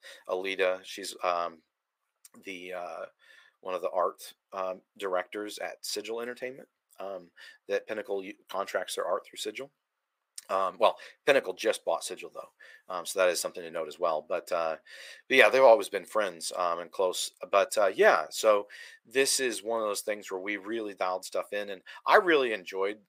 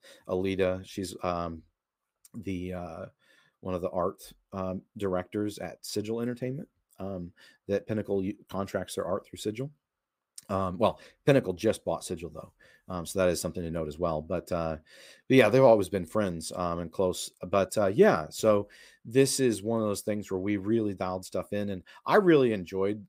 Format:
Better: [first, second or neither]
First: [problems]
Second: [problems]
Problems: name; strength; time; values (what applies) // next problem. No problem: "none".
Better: second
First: thin; very; fading below 650 Hz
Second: none